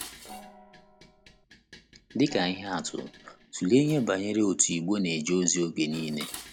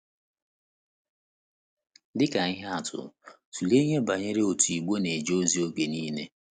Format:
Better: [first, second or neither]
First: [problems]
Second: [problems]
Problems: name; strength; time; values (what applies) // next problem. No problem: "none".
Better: second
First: background sound (Dishes, pots, and pans + Gong); 19 dB below the speech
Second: none